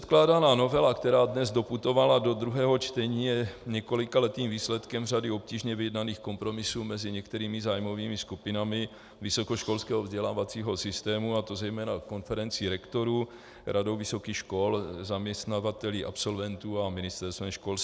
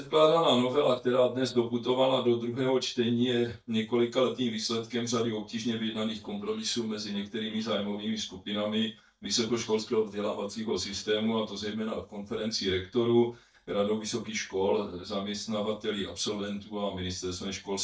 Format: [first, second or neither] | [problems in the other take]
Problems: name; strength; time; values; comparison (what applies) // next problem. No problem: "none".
first | noise reduction (neural mask model DeepFilterNet 3)